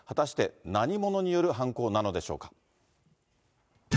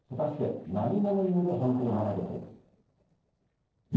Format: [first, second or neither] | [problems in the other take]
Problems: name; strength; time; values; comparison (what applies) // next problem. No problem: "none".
first | noise reduction (neural separator model SepFormer DNS4)